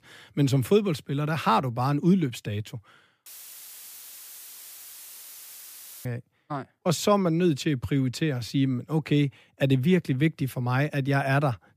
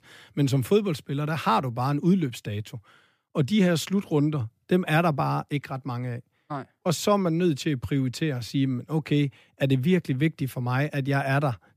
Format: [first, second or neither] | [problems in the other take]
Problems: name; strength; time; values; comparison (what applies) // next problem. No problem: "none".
second | audio cutting out; filled with static; at 3.5 s for 3 s